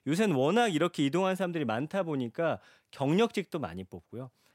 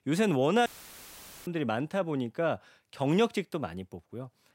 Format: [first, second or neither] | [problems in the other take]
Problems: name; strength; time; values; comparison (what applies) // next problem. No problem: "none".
first | audio cutting out; filled with static; at 0.5 s for 1 s